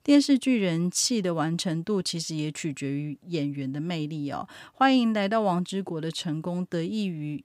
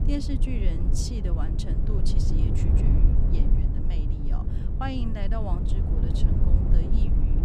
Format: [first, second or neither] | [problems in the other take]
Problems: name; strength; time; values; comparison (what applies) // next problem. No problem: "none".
first | low rumble; loud; throughout; as loud as the speech